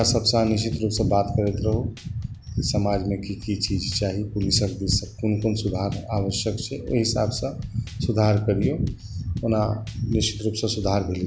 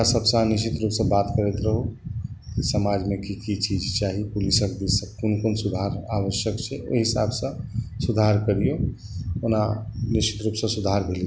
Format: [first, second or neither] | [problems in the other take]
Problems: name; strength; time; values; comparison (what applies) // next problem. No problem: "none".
second | background sound (Drum / Drum kit); 20 dB below the speech